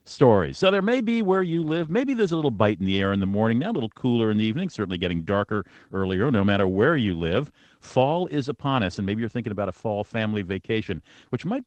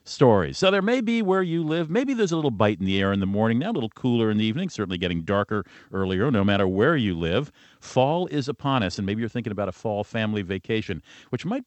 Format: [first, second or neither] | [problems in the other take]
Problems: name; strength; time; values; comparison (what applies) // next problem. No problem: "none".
second | garbled, watery; slightly